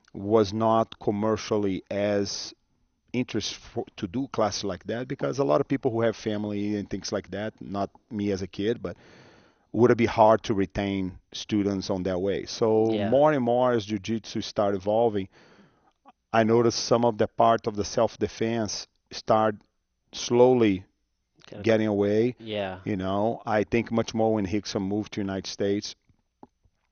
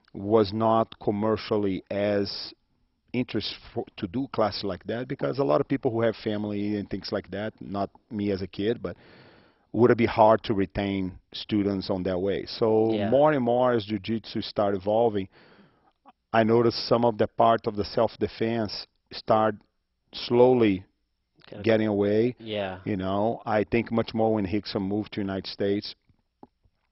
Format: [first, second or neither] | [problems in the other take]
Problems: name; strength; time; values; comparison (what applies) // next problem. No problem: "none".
first | garbled, watery; badly; nothing above 5.5 kHz; slightly in the first